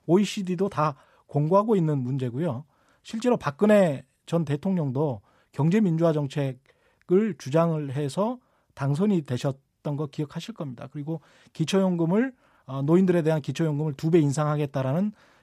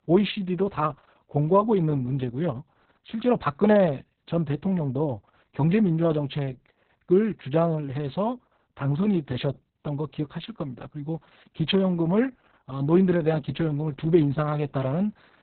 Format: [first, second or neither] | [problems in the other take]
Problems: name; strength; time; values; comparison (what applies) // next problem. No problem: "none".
first | garbled, watery; badly; nothing above 3.5 kHz